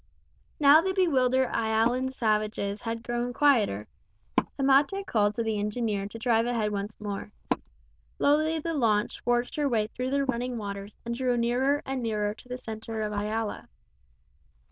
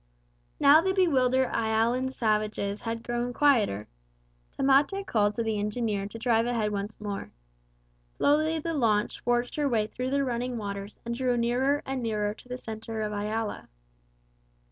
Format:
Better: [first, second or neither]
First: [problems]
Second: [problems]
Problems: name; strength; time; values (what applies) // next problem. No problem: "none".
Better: second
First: noise reduction (neural diffusion model UNIVERSE++)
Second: none